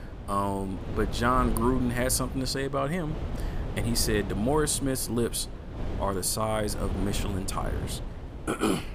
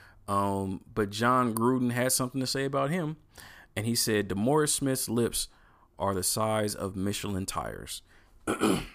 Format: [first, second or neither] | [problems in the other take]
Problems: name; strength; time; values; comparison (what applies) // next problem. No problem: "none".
second | wind noise on the microphone; occasional gusts; 15 dB below the speech